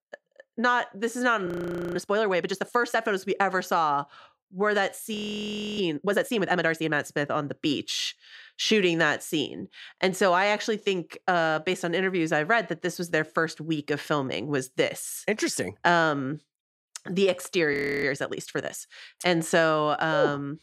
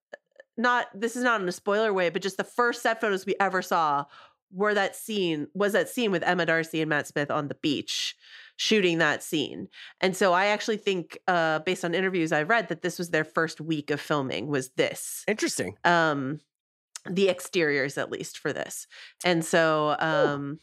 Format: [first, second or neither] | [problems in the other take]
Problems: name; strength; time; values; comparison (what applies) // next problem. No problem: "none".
second | audio freezing; at 1.5 s, at 5 s for 0.5 s and at 18 s